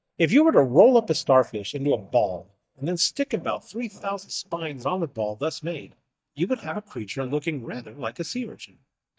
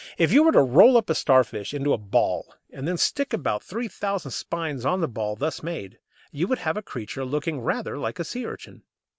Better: second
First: noise reduction (neural mask model DeepFilterNet 3)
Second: none

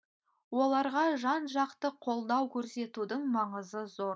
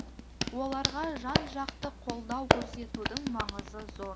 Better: first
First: none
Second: background sound (Hands); 4 dB above the speech

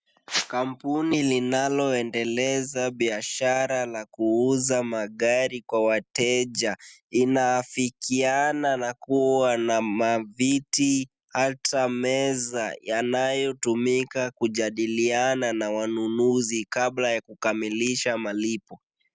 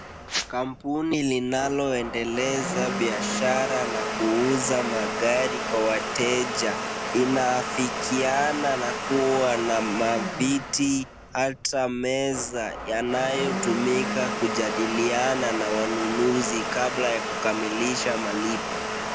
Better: first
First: none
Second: background sound (Domestic sounds, home sounds); 4 dB below the speech

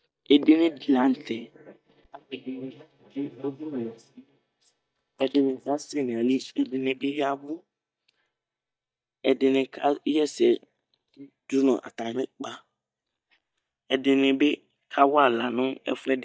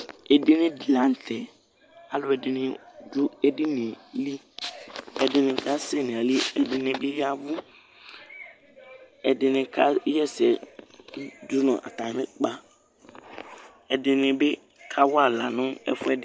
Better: second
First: noise reduction (neural mask model DeepFilterNet 3)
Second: none

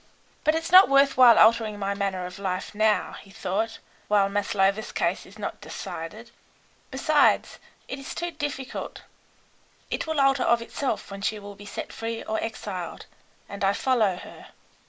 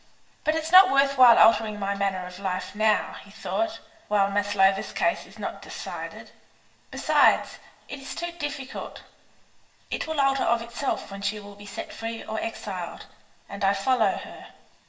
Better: first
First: none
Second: room echo; dies away in 0.9 s

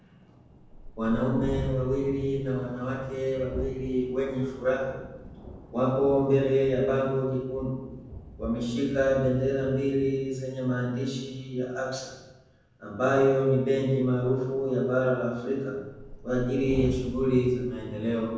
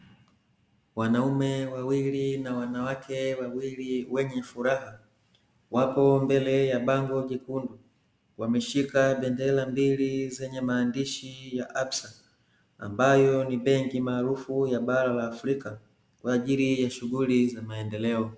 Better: second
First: background sound (Thunderstorm); 15 dB below the speech // room echo; dies away in 1.1 s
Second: none

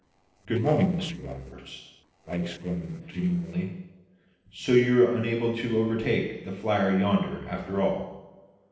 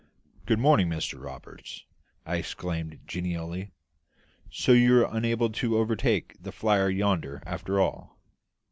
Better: second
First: noise reduction (neural separator model SepFormer DNS4)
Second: none

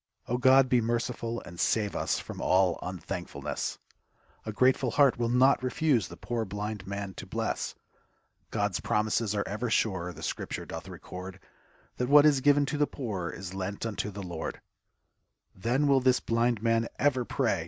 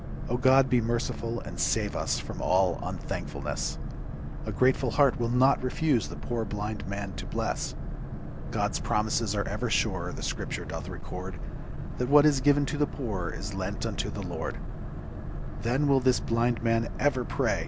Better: first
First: none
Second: background sound (Boat, Water vehicle); 5 dB below the speech

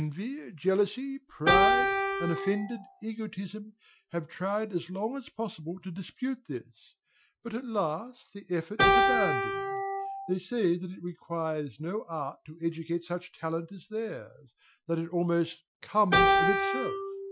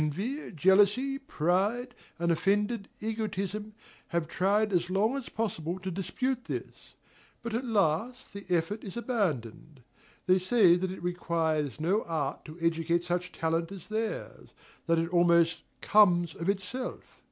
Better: second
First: noise reduction (classical method Wiener filter)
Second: none

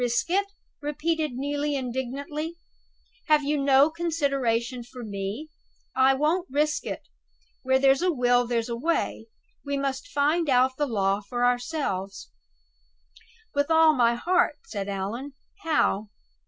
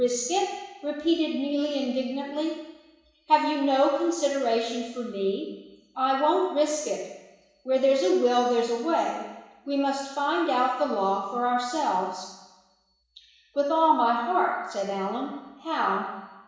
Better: first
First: none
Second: room echo; dies away in 1 s

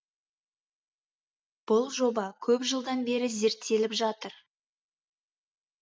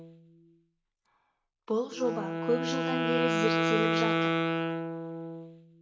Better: first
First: none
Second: background sound (Wind instrument, woodwind instrument); 4 dB above the speech // room echo; dies away in 1 s

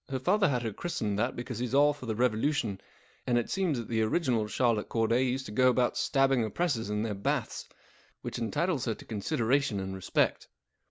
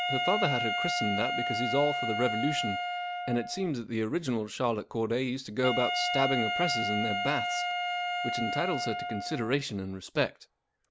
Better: first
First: none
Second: background sound (Wind instrument, woodwind instrument); 1 dB below the speech

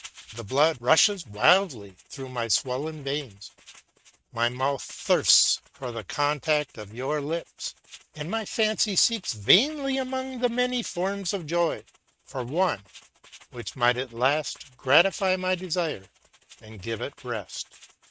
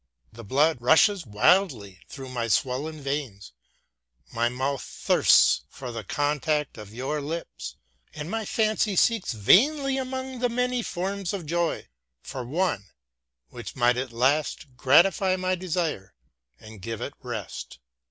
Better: second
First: noise reduction (neural mask model RNNoise)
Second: none

